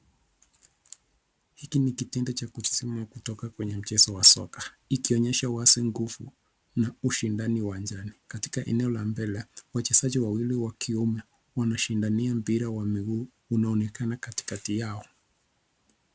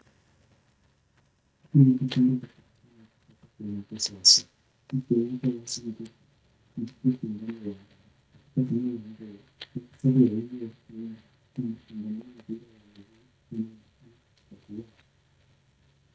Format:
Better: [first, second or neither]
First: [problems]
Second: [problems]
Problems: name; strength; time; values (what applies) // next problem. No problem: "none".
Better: first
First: none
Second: noise reduction (neural mask model DeepFilterNet 3)